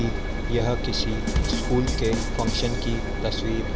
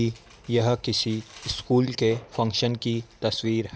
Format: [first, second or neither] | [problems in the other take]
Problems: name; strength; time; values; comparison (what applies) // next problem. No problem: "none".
second | background sound (Drum kit + Engine); 3 dB above the speech